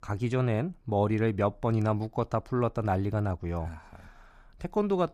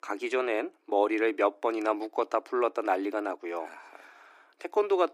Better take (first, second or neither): first